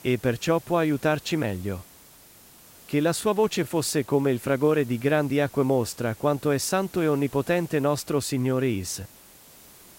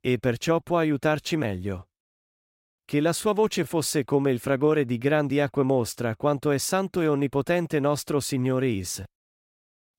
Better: second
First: hiss; faint; throughout; 20 dB below the speech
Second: none

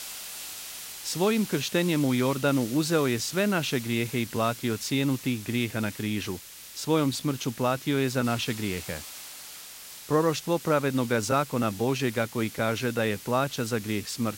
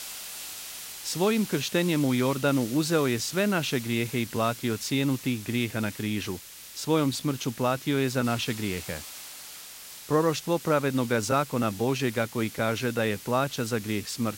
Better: neither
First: hiss; noticeable; throughout; 15 dB below the speech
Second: hiss; noticeable; throughout; 15 dB below the speech

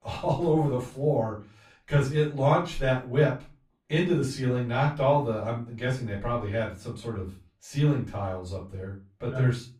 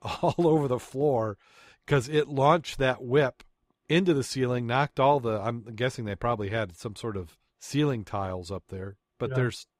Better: second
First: room echo; slight; dies away in 0.3 s // off-mic speech; far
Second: none

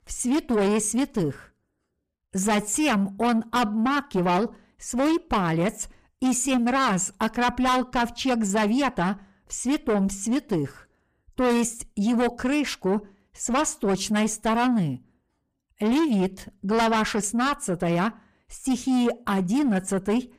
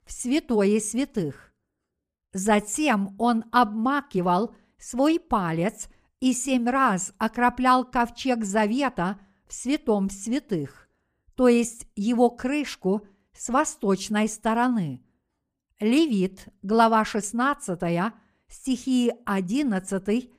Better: second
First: distortion; heavy; 8 dB below the speech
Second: none

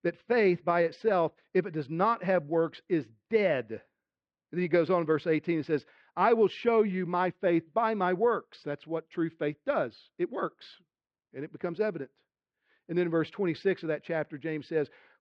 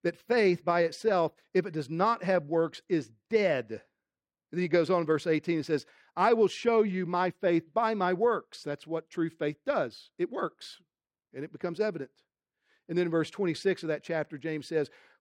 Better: second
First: muffled; slightly; fading above 3.5 kHz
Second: none

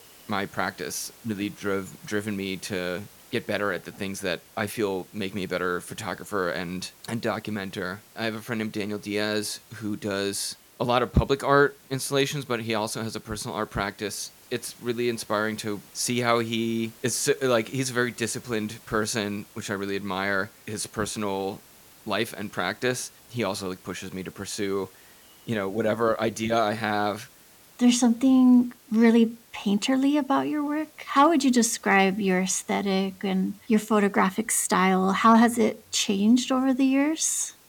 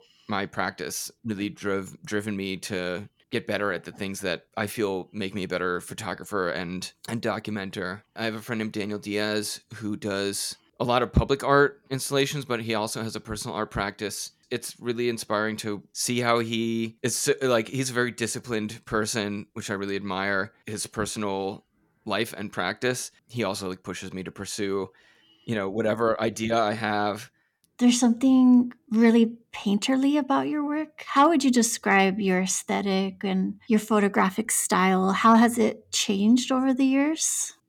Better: second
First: hiss; faint; throughout; 25 dB below the speech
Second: none

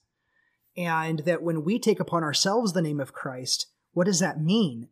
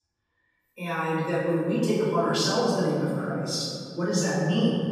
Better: first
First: none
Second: off-mic speech; far // room echo; strong; dies away in 2.7 s

